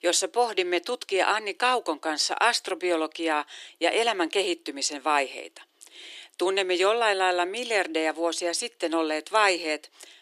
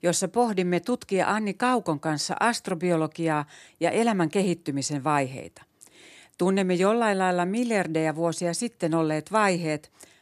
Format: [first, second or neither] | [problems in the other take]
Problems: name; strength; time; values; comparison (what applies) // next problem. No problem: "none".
second | thin; very; fading below 350 Hz